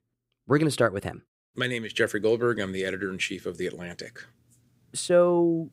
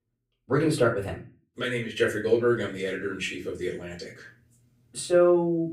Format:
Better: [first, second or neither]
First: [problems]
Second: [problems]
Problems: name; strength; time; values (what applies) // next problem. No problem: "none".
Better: first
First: none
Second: off-mic speech; far // room echo; very slight; dies away in 0.3 s